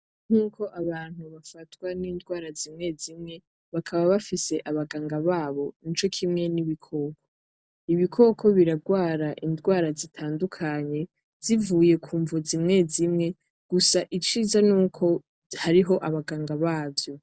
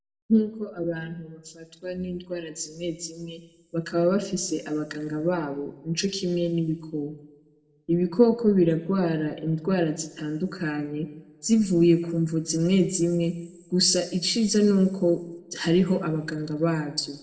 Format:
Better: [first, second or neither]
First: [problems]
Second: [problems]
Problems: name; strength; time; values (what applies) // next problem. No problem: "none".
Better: first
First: none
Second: room echo; dies away in 0.9 s